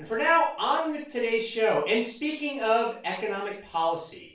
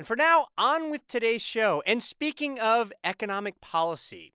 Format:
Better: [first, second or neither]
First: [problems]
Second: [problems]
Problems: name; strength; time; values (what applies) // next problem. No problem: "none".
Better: second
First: room echo; dies away in 0.4 s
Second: none